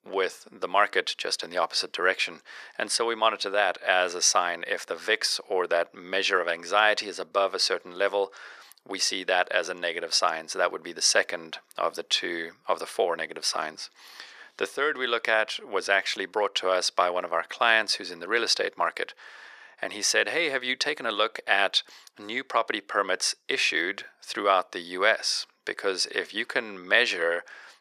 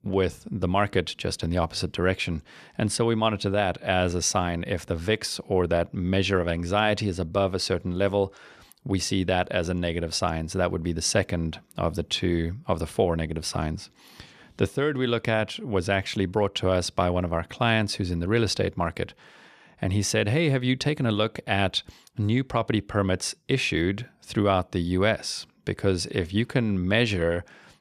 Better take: second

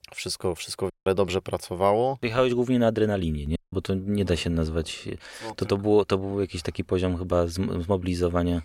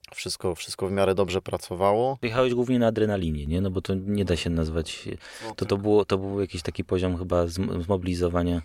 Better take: second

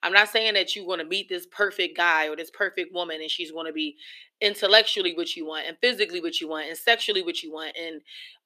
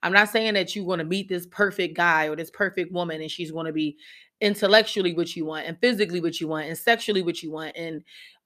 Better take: second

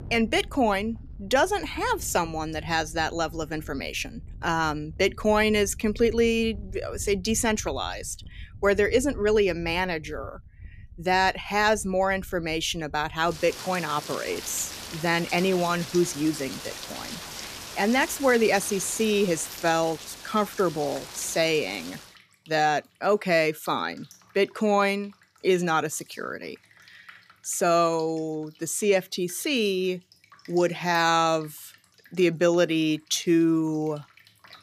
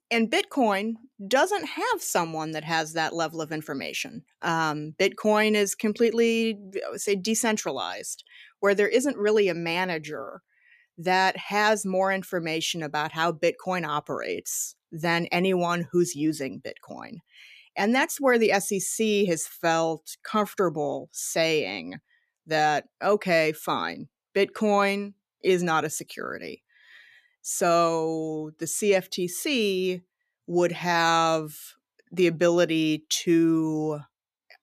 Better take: second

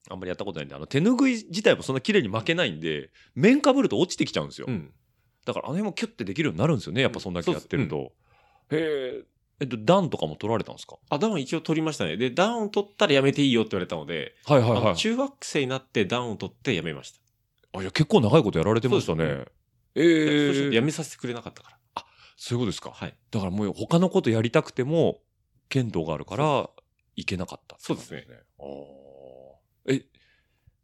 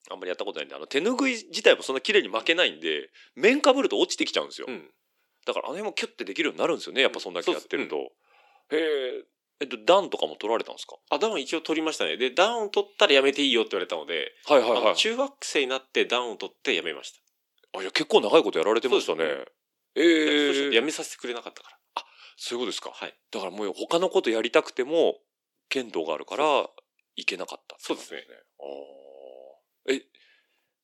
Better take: first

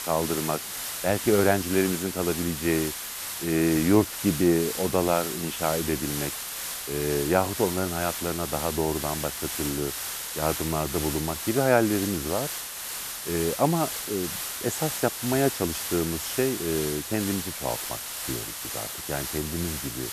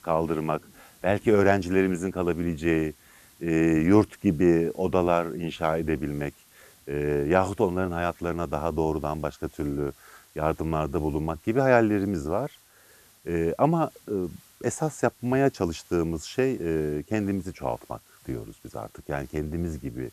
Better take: second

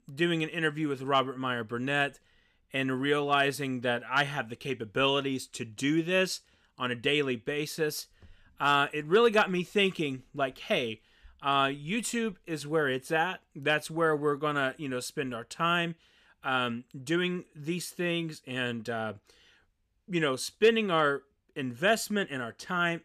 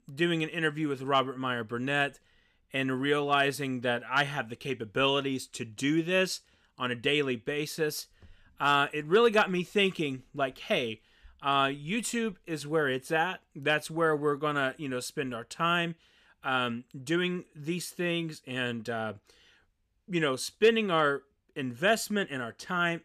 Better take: neither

